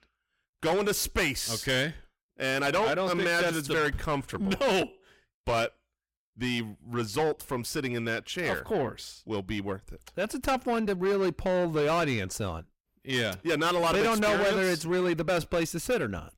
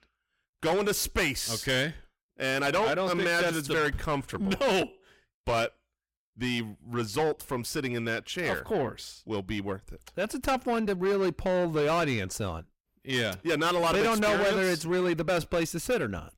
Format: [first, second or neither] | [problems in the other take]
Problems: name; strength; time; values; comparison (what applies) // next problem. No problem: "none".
neither | distortion; heavy; 7 dB below the speech; the same in both